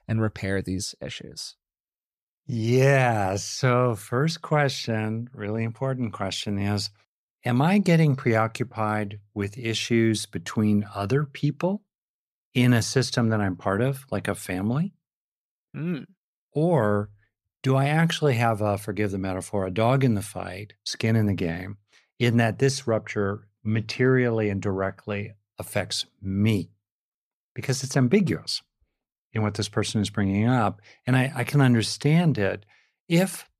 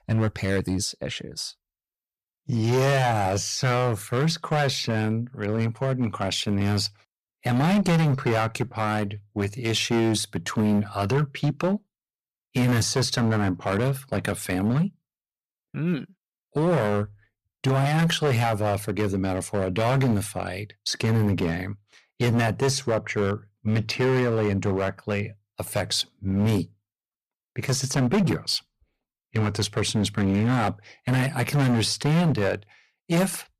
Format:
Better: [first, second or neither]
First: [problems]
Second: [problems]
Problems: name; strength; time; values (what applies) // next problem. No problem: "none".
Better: first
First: none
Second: distortion; heavy; 11% of the sound clipped